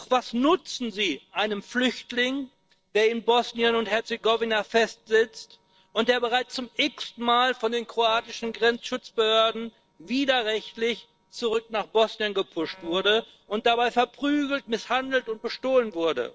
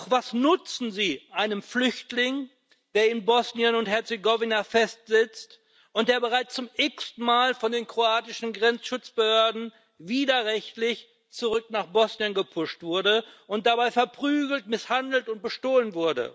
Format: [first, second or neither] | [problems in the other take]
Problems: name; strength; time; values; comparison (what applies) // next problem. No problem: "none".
second | noise reduction (neural separator model SepFormer DNS4)